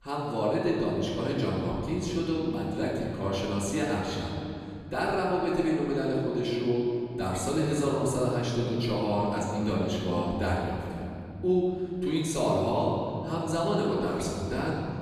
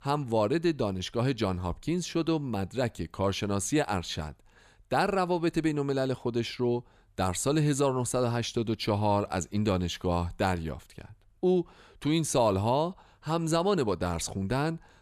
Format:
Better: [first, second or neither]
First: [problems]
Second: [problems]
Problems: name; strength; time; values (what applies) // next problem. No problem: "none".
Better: second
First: off-mic speech; far // room echo; noticeable; dies away in 2.5 s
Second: none